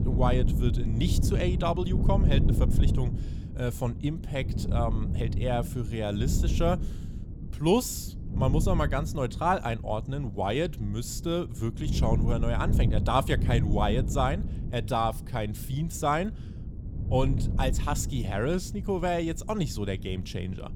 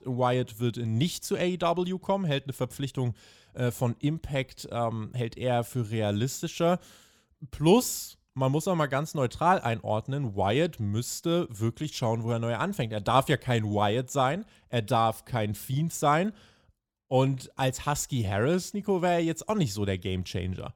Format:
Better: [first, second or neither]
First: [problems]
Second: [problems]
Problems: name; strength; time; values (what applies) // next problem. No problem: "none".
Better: second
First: wind noise on the microphone; occasional gusts; 10 dB below the speech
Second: none